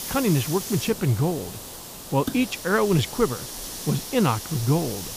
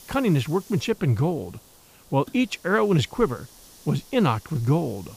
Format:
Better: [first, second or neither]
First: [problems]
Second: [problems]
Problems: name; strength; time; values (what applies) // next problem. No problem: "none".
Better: second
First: hiss; loud; throughout; 9 dB below the speech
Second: hiss; faint; throughout; 25 dB below the speech